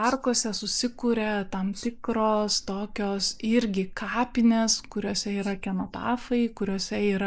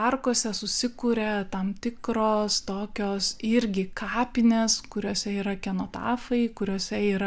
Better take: second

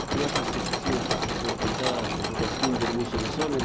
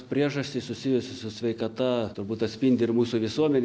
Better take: second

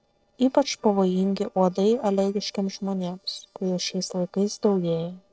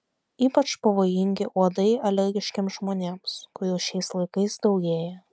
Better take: second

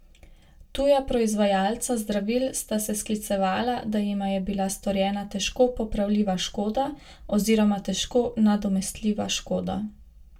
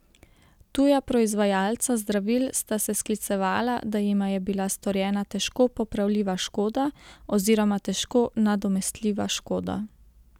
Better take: second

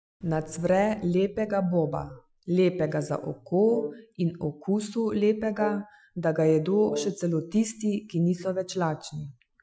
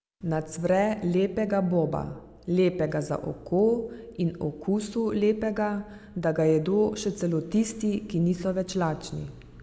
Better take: second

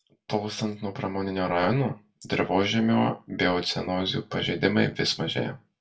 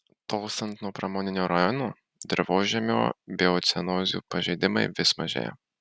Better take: second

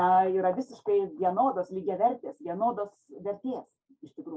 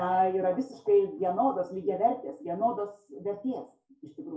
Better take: first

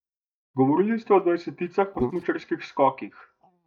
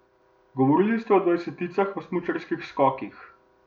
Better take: second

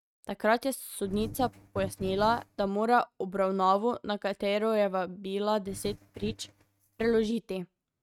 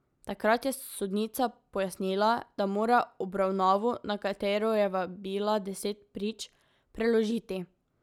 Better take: second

